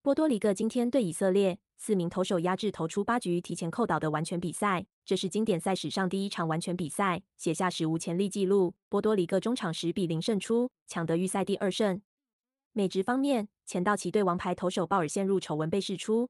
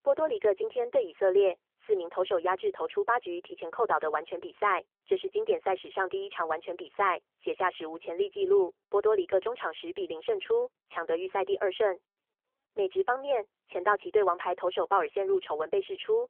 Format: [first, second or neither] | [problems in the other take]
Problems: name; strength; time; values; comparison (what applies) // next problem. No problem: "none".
first | phone-call audio; nothing above 3.5 kHz